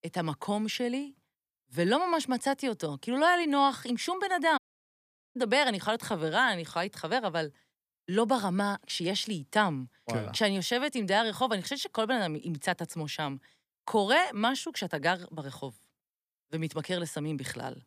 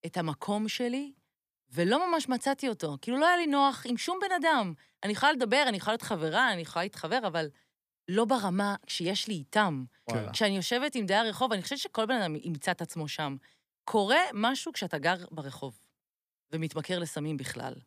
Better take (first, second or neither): second